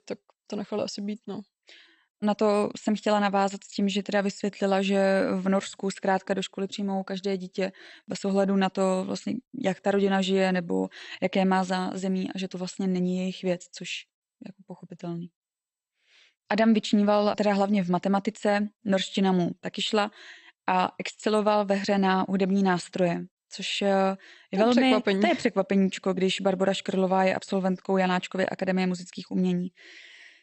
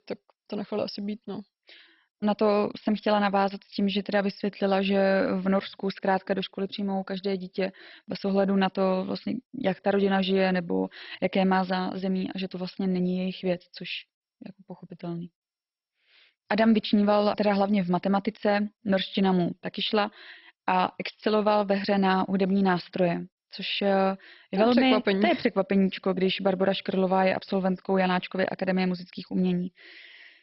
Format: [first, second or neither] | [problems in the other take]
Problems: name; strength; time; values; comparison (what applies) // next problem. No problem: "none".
first | garbled, watery; badly; nothing above 5.5 kHz; slightly in the first